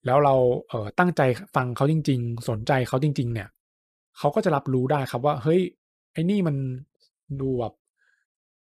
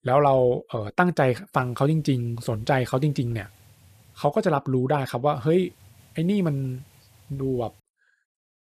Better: first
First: none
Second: hiss; faint; from 1.5 to 4.5 s and from 5.5 to 8 s; 30 dB below the speech

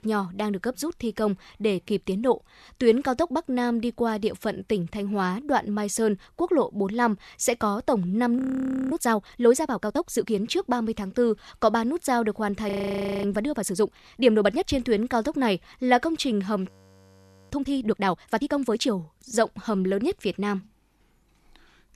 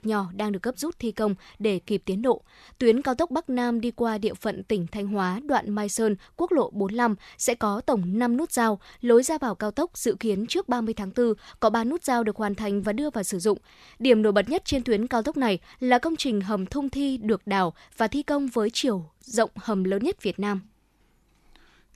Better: second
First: audio freezing; at 8.5 s for 0.5 s, at 13 s for 0.5 s and at 17 s for 1 s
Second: none

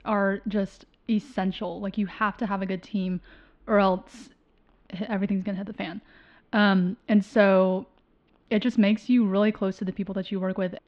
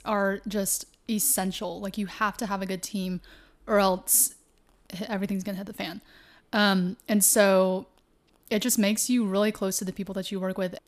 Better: second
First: muffled; very; fading above 3 kHz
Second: none

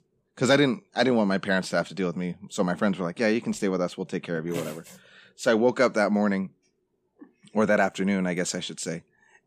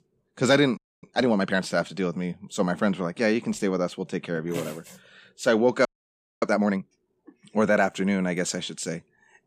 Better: first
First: none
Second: audio freezing; at 1 s and at 6 s for 0.5 s

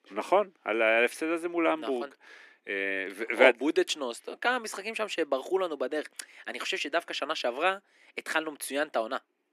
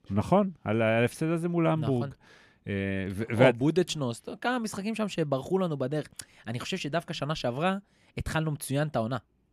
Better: second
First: thin; somewhat; fading below 300 Hz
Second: none

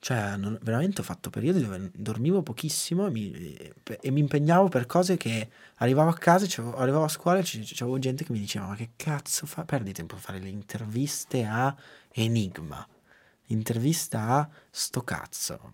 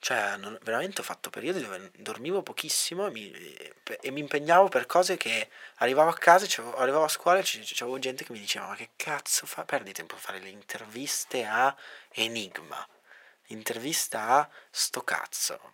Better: first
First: none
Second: thin; very; fading below 550 Hz

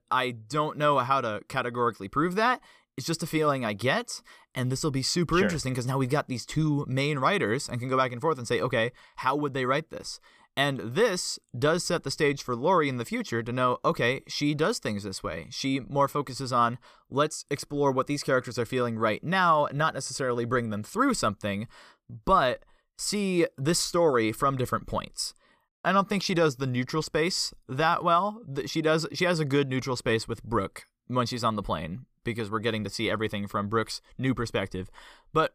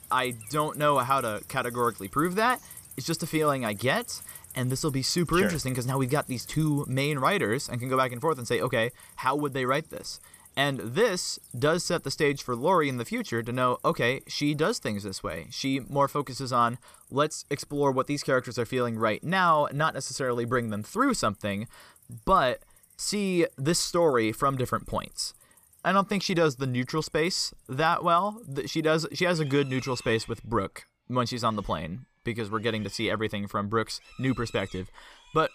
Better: first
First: none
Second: animal sounds; noticeable; throughout; 20 dB below the speech

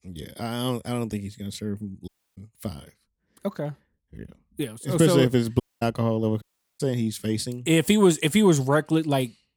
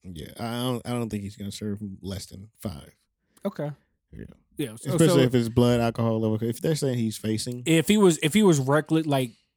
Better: second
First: audio cutting out; at 2 s, at 5.5 s and at 6.5 s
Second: none

